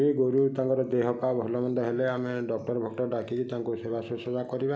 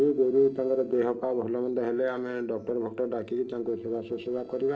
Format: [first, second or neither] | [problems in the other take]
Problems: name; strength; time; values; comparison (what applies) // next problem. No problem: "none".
first | noise reduction (neural separator model SepFormer DNS4)